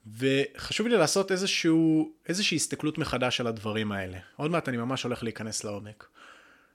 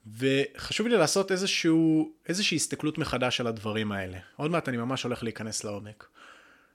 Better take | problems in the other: neither | none

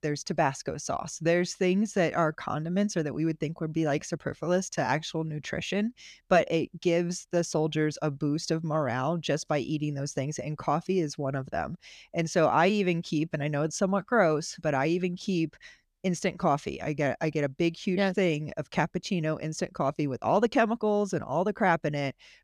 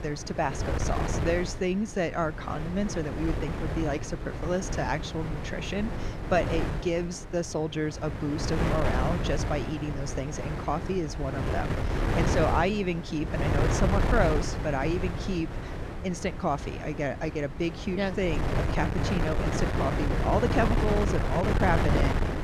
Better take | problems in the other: first | wind noise on the microphone; heavy; 3 dB below the speech

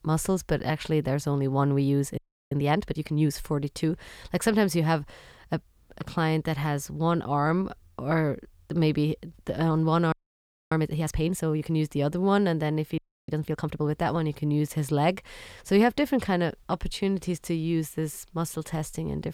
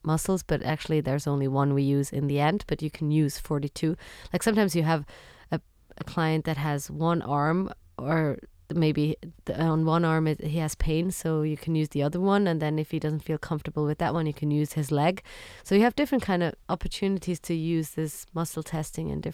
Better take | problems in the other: second | audio freezing; at 2 s, at 10 s for 0.5 s and at 13 s

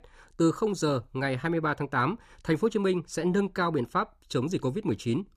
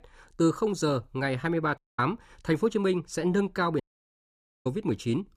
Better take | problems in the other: first | audio cutting out; at 2 s and at 4 s for 1 s

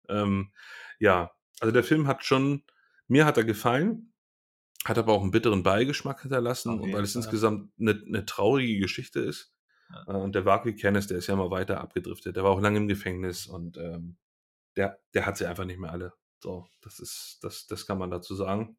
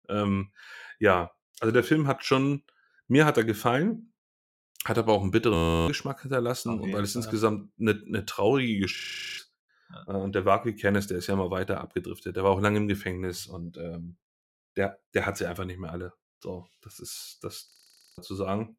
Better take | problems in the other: first | audio freezing; at 5.5 s, at 9 s and at 18 s

